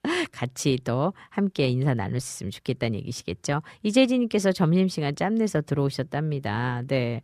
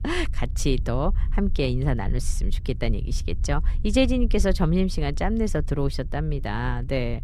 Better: first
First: none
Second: low rumble; faint; throughout; 20 dB below the speech

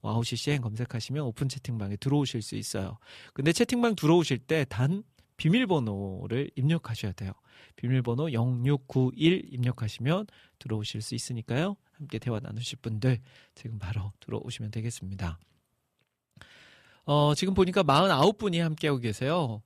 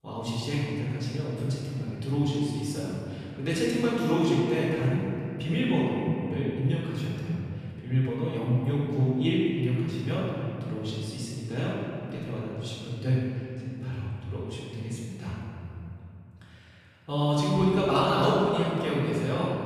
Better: first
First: none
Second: room echo; strong; dies away in 2.7 s // off-mic speech; far

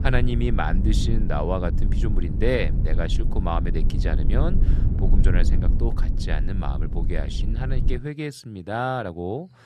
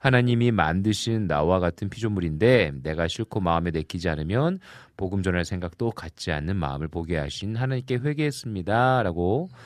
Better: second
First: low rumble; loud; until 8 s; 9 dB below the speech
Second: none

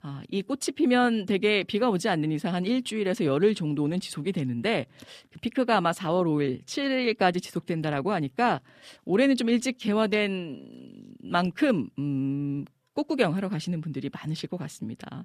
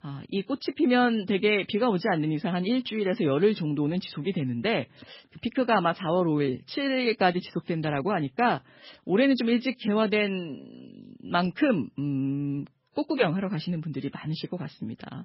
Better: first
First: none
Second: garbled, watery; badly; nothing above 5.5 kHz

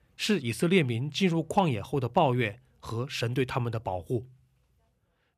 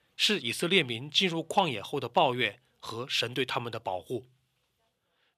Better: first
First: none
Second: thin; somewhat; fading below 950 Hz

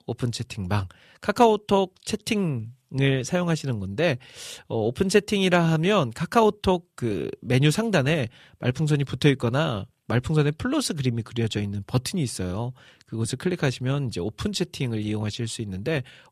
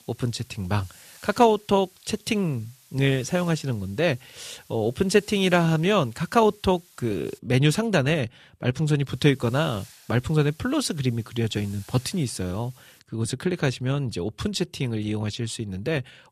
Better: first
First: none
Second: hiss; faint; until 7.5 s and from 9 to 13 s; 25 dB below the speech

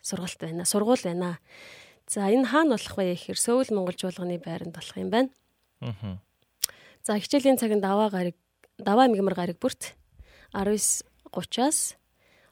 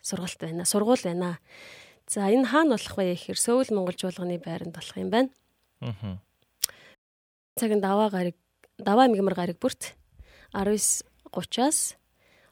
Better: first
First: none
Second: audio cutting out; at 7 s for 0.5 s

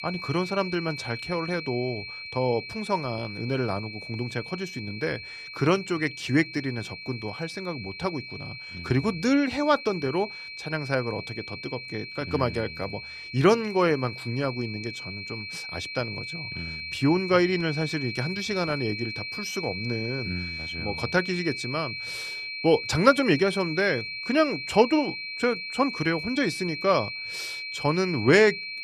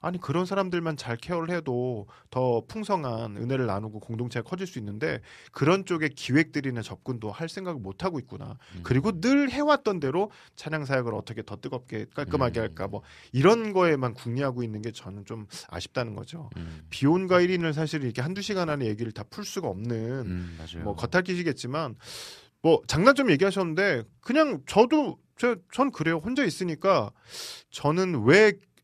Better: second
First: high-pitched whine; loud; throughout; 2.5 kHz, 7 dB below the speech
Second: none

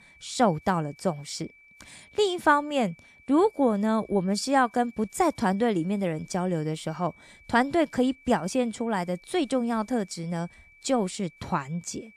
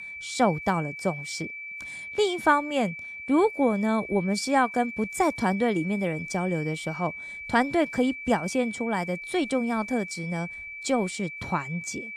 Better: first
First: high-pitched whine; faint; throughout; 2.5 kHz, 25 dB below the speech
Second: high-pitched whine; loud; throughout; 2.5 kHz, 9 dB below the speech

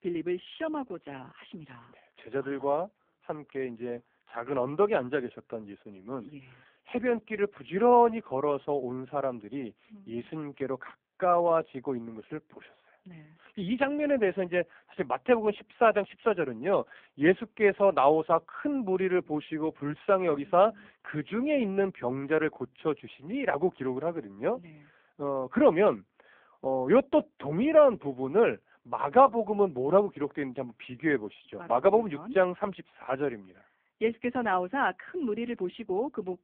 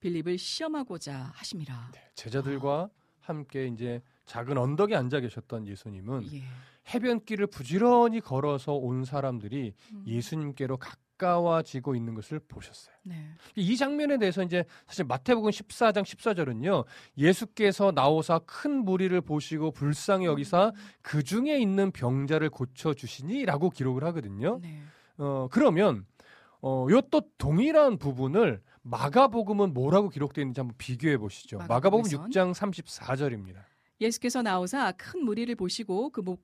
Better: second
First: phone-call audio; poor line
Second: none

